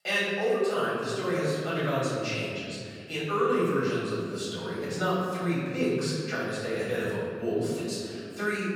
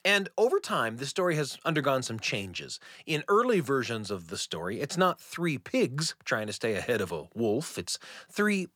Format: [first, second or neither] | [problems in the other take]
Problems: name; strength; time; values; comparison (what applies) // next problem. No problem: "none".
second | room echo; strong; dies away in 2.2 s // off-mic speech; far